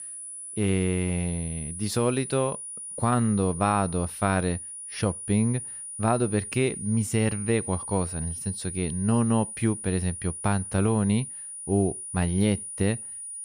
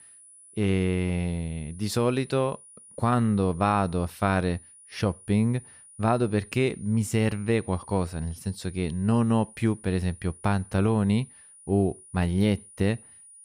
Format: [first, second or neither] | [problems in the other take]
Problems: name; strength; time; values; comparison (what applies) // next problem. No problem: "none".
second | high-pitched whine; loud; throughout; 9.5 kHz, 8 dB below the speech; faint in the second